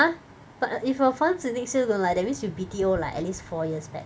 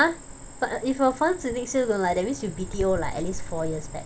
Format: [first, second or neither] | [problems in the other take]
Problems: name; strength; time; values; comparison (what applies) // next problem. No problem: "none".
first | background sound (Cricket); 10 dB below the speech